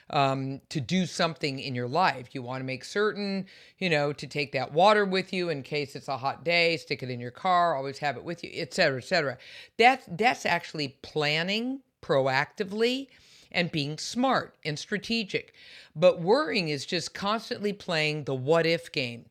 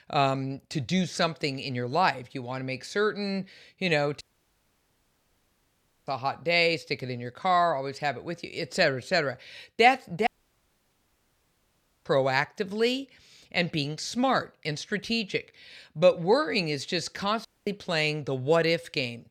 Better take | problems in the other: first | audio cutting out; at 4 s for 2 s, at 10 s for 2 s and at 17 s

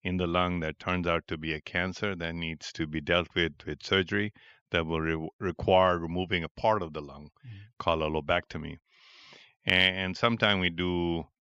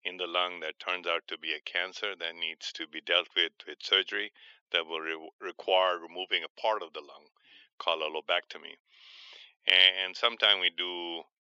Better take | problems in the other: first | thin; very; fading below 400 Hz

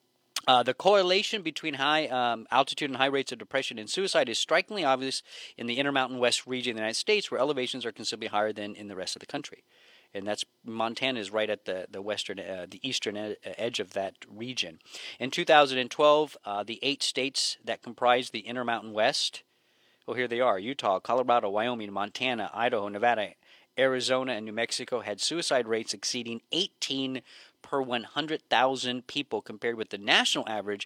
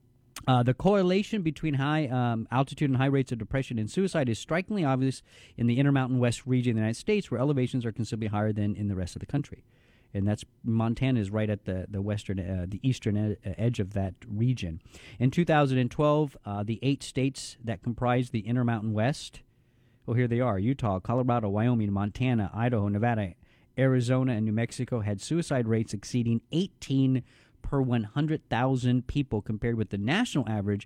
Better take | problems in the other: second | thin; very; fading below 600 Hz

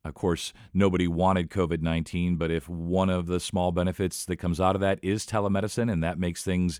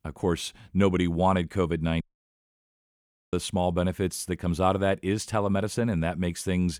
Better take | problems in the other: first | audio cutting out; at 2 s for 1.5 s

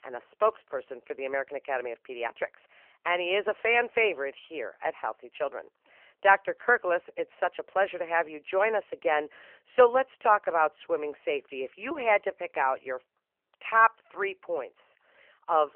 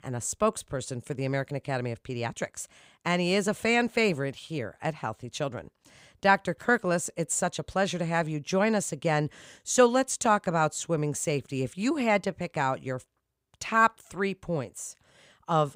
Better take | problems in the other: second | phone-call audio; nothing above 3 kHz

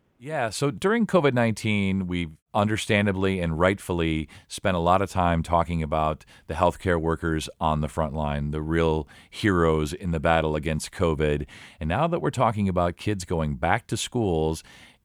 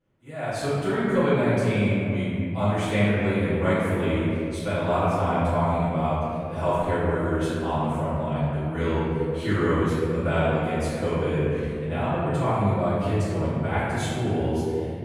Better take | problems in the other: first | off-mic speech; far // room echo; strong; dies away in 2.8 s

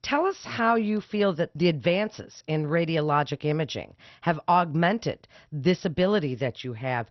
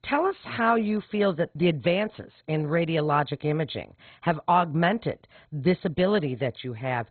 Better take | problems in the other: first | garbled, watery; badly; nothing above 4 kHz; slightly in the first

